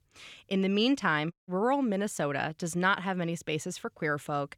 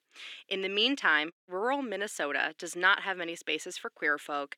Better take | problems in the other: first | thin; somewhat; fading below 300 Hz

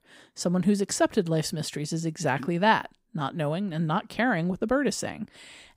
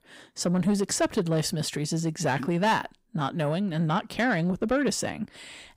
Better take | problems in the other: first | distortion; slight; 10 dB below the speech

